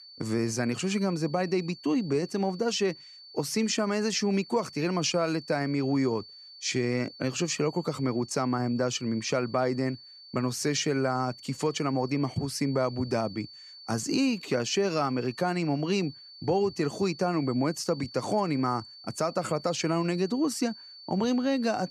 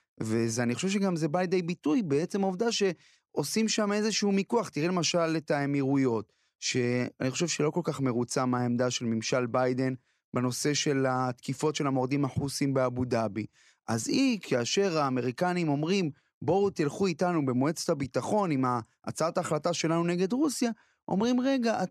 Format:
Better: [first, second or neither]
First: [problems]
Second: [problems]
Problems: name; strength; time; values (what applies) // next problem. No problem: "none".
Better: second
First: high-pitched whine; noticeable; throughout; 4.5 kHz, 15 dB below the speech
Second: none